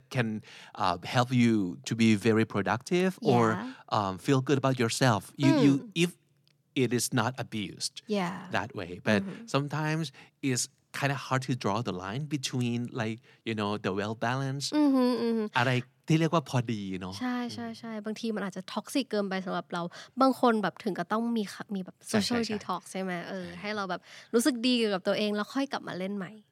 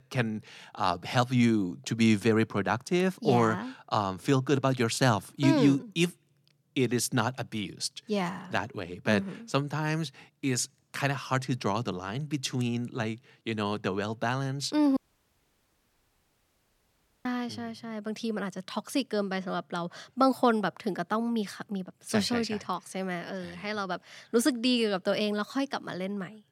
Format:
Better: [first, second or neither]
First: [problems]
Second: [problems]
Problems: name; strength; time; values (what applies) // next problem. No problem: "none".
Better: first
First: none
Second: audio cutting out; at 15 s for 2.5 s